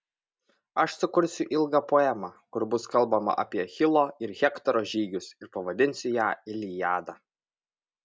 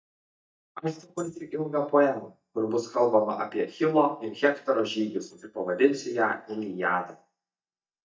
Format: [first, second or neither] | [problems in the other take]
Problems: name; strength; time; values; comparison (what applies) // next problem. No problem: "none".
first | noise reduction (neural mask model DeepFilterNet 3)